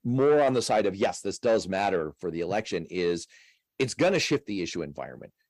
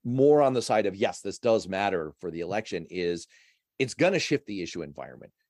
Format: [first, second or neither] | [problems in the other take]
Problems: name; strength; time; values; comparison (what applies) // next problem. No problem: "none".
second | distortion; slight; 10 dB below the speech